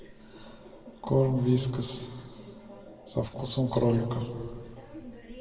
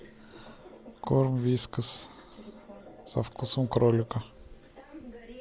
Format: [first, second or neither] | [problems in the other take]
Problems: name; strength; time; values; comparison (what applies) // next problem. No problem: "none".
second | room echo; dies away in 1.7 s